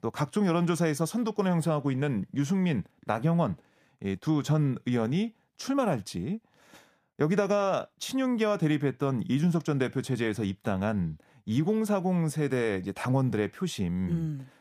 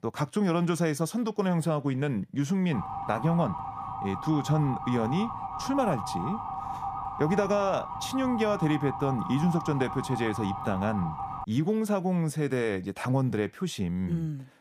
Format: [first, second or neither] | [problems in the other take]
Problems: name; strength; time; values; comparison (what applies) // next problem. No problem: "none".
first | siren; noticeable; from 2.5 to 11 s; peak 5 dB below the speech